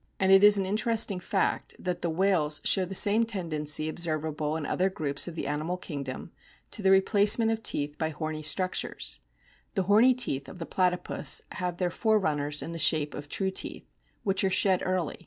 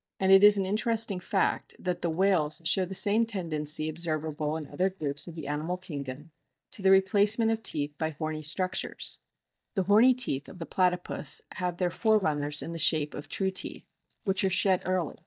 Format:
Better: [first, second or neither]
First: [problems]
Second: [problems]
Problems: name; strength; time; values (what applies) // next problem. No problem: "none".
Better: first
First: none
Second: noise reduction (neural mask model DeepFilterNet 3)